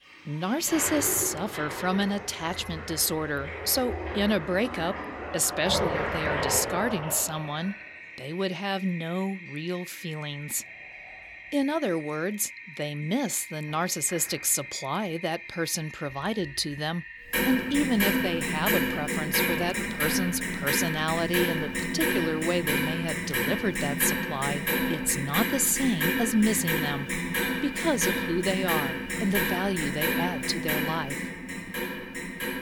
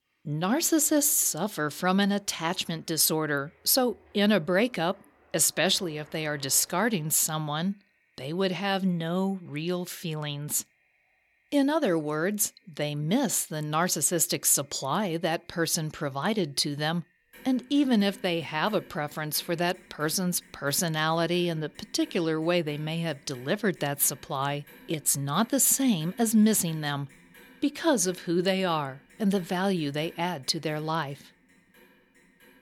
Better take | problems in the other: second | household noises; loud; throughout; 1 dB below the speech; faint in the second

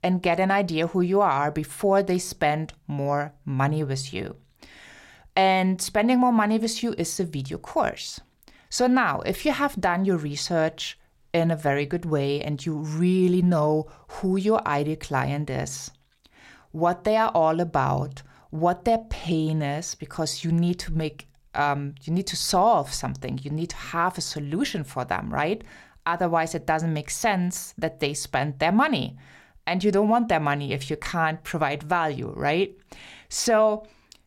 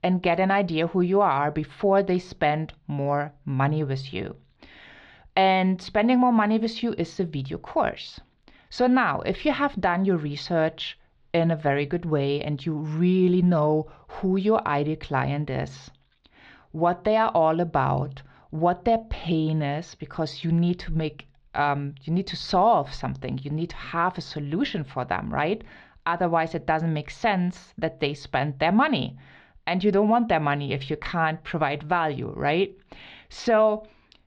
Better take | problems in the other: first | muffled; slightly; fading above 4 kHz

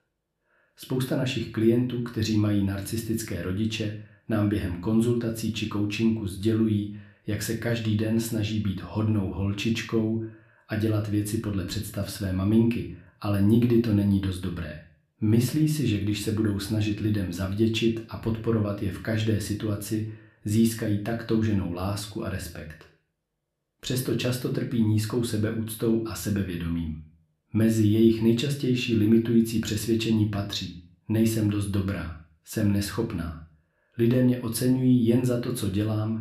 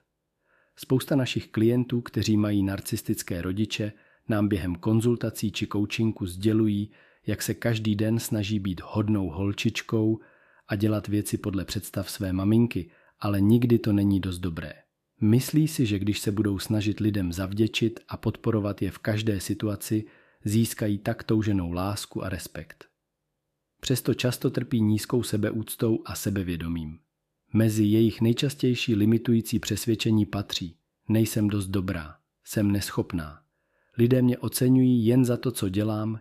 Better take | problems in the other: second | room echo; slight; dies away in 0.4 s // off-mic speech; somewhat distant

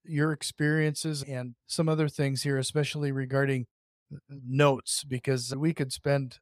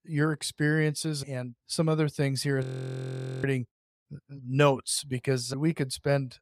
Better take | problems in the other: first | audio freezing; at 2.5 s for 1 s

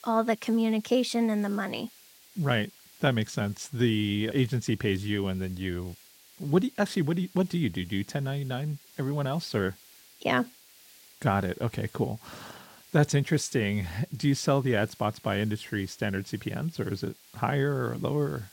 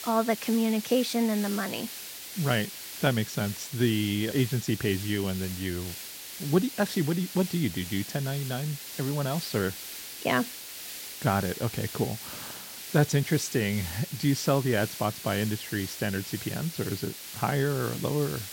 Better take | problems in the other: first | hiss; loud; throughout; 9 dB below the speech; faint in the first

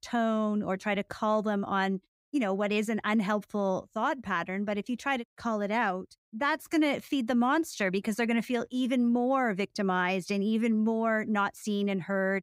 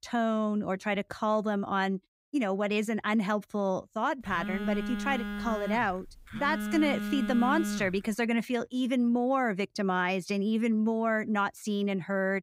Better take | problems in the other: first | phone ringing; noticeable; from 4 to 8 s; peak 3 dB below the speech

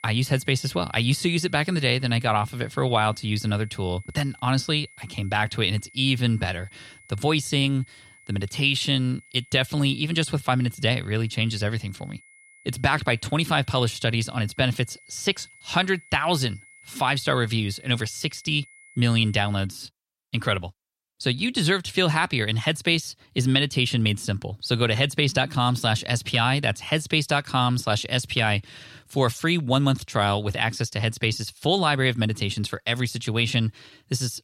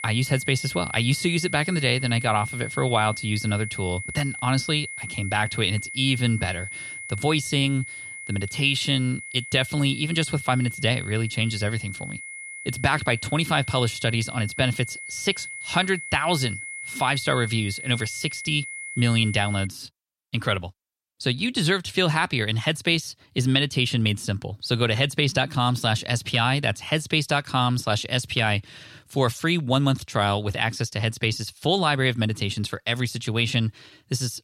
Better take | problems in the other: first | high-pitched whine; loud; until 20 s; 2 kHz, 10 dB below the speech; faint in the first

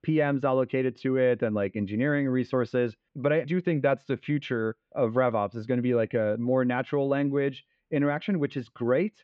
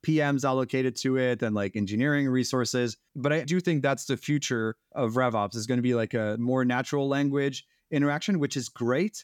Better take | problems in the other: second | muffled; very; fading above 3 kHz

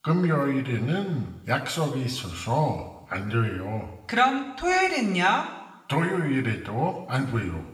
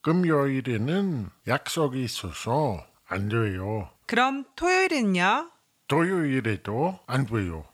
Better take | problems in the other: second | room echo; slight; dies away in 0.8 s // off-mic speech; somewhat distant

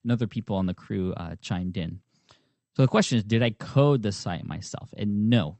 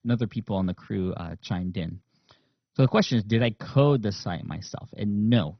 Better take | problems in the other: first | garbled, watery; badly; nothing above 6 kHz; slightly in the first

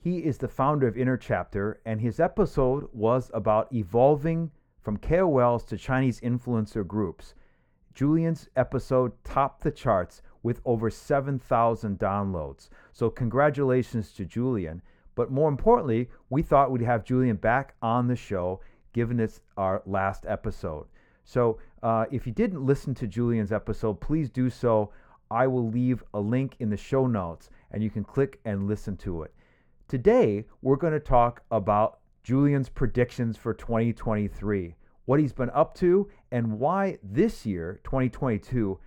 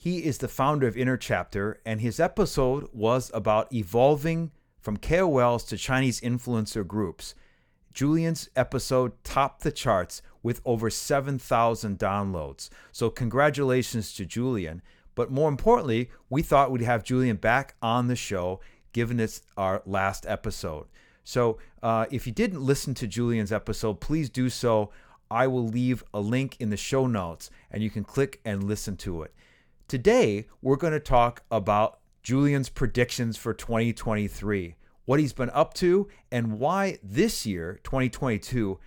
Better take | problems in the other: second | muffled; very; fading above 2.5 kHz

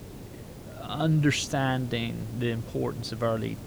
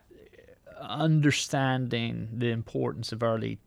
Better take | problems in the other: second | hiss; noticeable; throughout; 15 dB below the speech

